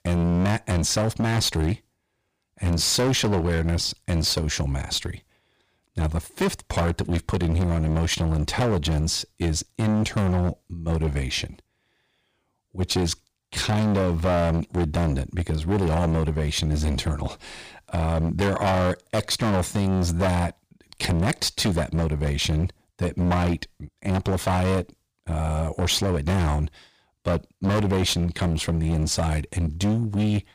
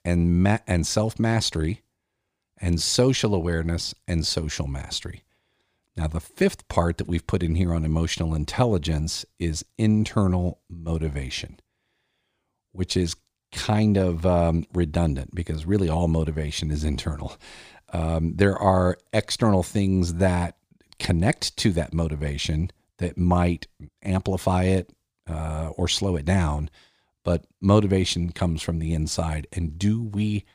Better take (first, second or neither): second